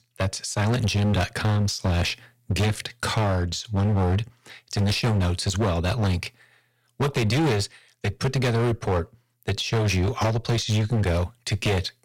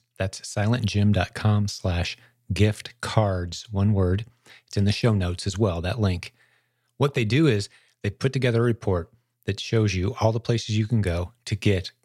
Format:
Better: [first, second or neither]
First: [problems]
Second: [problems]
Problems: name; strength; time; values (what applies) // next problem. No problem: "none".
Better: second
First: distortion; heavy; 20% of the sound clipped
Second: none